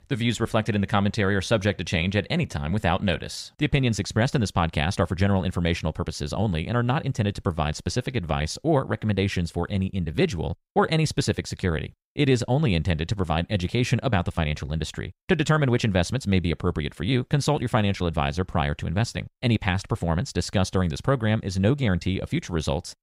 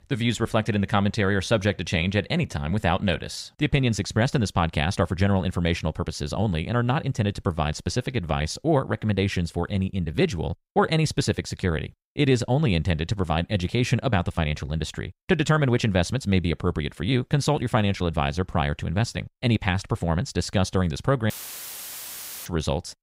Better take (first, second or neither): first